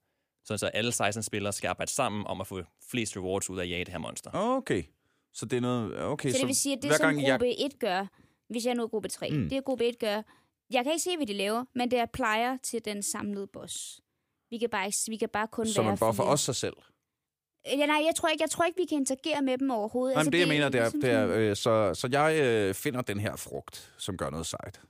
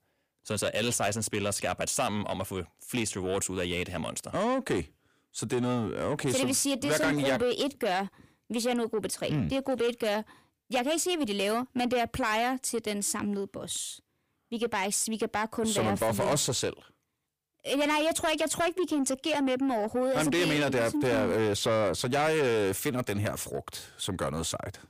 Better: first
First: none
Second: distortion; slight; 10 dB below the speech

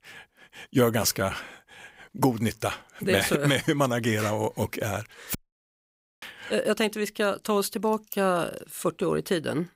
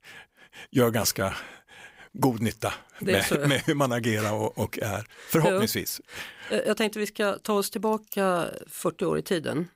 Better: second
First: audio cutting out; at 5.5 s for 1 s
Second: none

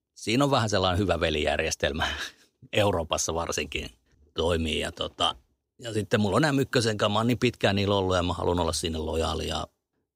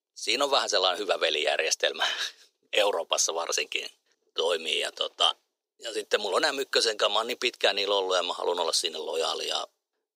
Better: first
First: none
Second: thin; very; fading below 450 Hz

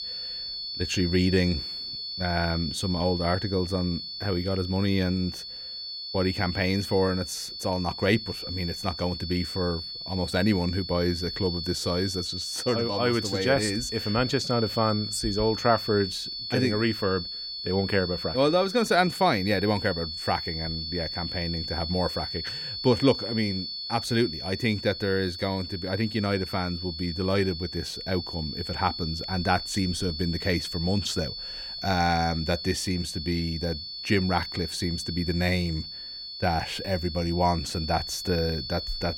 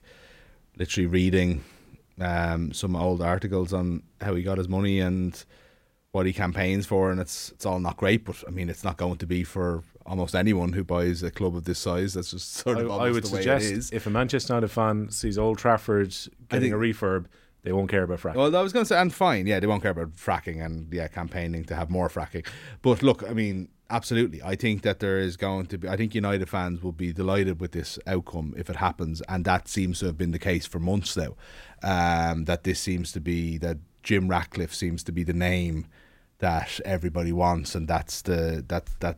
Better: second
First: high-pitched whine; loud; throughout; 4.5 kHz, 6 dB below the speech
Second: none

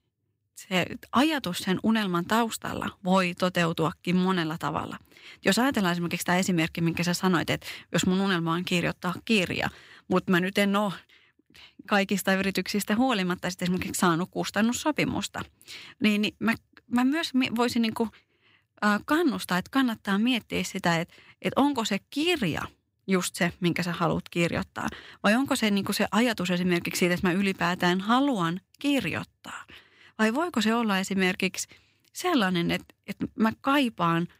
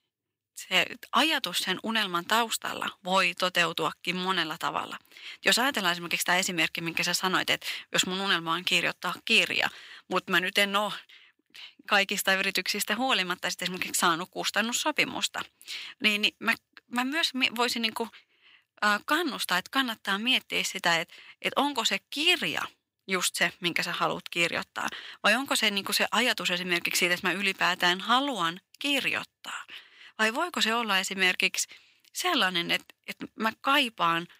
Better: first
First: none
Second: thin; somewhat; fading below 900 Hz

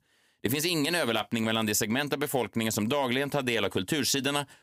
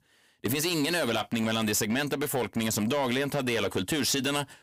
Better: first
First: none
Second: distortion; slight; 10 dB below the speech

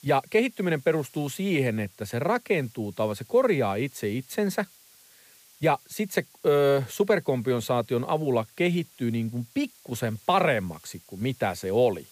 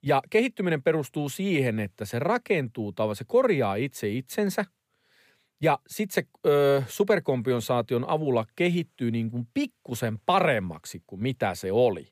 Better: second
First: hiss; faint; throughout; 25 dB below the speech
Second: none

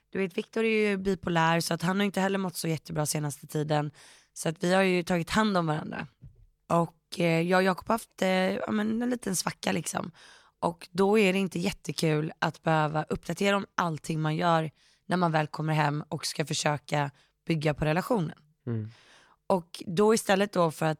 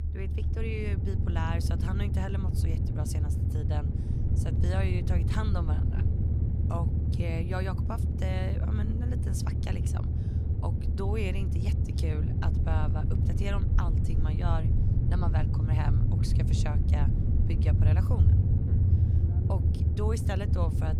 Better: first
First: none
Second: low rumble; loud; throughout; 2 dB below the speech

